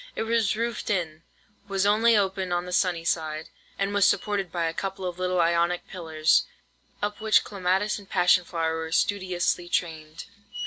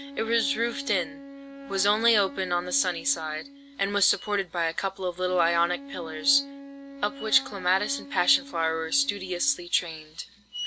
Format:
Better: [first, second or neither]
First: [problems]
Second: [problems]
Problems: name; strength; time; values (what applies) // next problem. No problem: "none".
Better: first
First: none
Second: background sound (Wind instrument, woodwind instrument); 16 dB below the speech